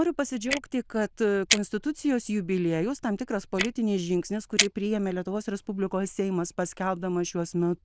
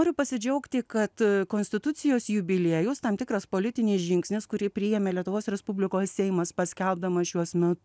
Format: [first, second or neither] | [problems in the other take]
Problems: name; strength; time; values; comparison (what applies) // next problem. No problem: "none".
second | noise reduction (neural diffusion model UNIVERSE++)